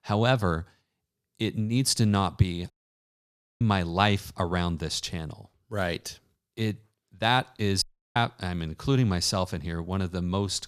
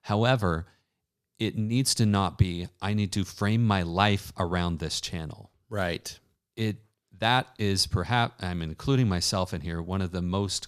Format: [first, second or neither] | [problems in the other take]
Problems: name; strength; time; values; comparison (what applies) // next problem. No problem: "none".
second | audio cutting out; at 2.5 s for 1 s and at 8 s